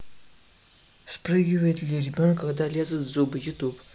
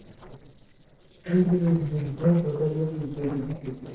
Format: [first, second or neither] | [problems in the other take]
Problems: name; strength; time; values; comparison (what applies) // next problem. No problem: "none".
first | noise reduction (neural separator model SepFormer DNS4)